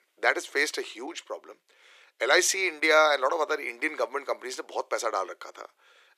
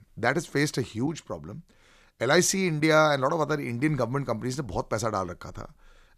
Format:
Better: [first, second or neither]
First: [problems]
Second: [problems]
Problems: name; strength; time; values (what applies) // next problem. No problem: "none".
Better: second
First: thin; very; fading below 350 Hz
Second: none